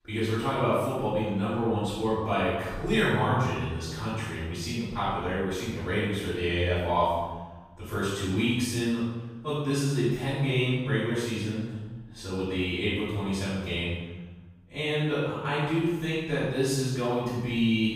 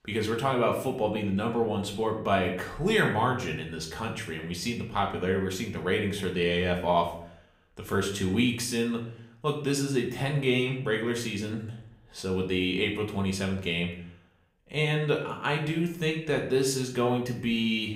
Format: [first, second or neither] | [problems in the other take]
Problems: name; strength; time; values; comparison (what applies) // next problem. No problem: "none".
second | room echo; strong; dies away in 1.2 s; slight in the second // off-mic speech; far; somewhat distant in the second